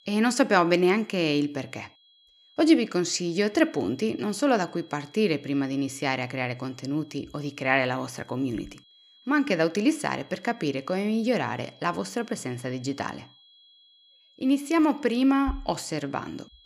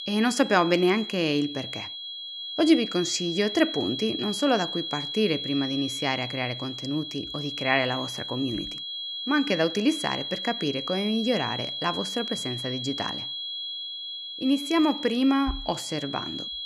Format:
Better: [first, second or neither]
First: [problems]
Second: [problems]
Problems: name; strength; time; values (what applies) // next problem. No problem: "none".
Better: first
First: high-pitched whine; faint; throughout; 3.5 kHz, 30 dB below the speech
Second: high-pitched whine; loud; throughout; 3.5 kHz, 5 dB below the speech